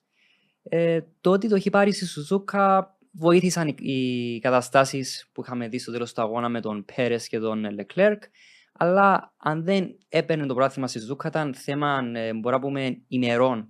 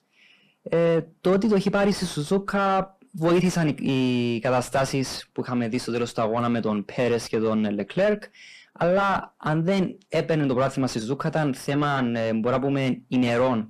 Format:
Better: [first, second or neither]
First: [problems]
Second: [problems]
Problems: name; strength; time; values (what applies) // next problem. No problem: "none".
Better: first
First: none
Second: distortion; heavy; 5 dB below the speech